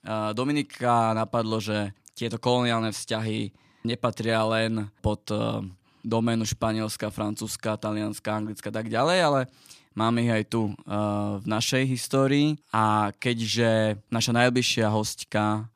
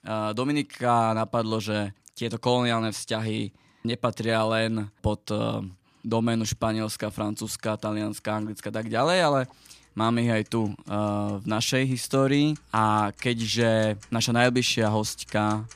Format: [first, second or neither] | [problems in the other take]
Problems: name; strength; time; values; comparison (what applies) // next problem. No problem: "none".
first | household noises; faint; throughout; 25 dB below the speech